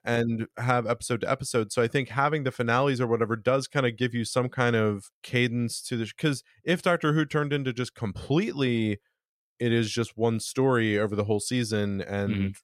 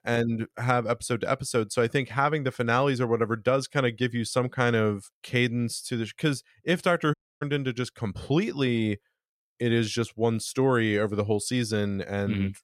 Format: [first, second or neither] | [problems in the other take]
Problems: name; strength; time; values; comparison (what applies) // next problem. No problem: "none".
first | audio cutting out; at 7 s